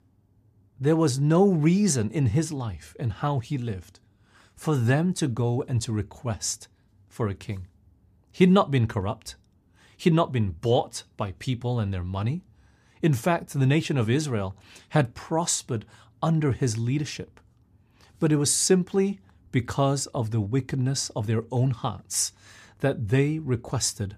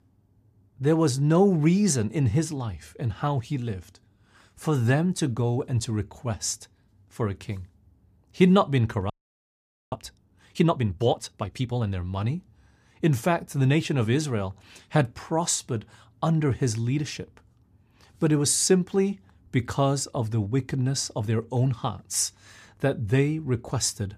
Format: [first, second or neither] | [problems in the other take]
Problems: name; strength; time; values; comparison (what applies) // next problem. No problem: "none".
first | audio freezing; at 9 s for 1 s